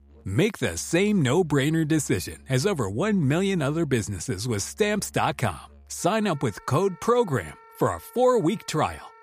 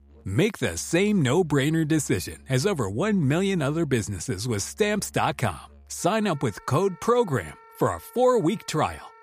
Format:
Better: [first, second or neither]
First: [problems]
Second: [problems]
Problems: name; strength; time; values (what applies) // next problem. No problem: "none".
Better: neither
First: background music; faint; throughout; 25 dB below the speech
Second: background music; faint; throughout; 25 dB below the speech